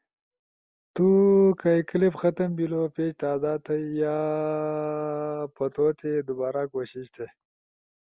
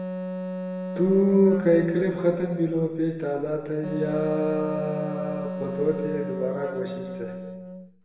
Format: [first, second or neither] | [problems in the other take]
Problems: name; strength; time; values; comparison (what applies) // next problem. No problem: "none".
first | background sound (Wind instrument, woodwind instrument); 8 dB below the speech // room echo; dies away in 1.2 s